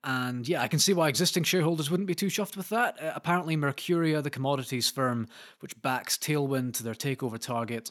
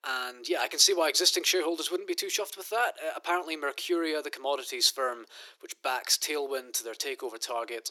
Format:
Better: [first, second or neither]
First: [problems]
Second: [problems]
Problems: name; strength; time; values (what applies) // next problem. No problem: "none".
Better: first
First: none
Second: thin; very; fading below 350 Hz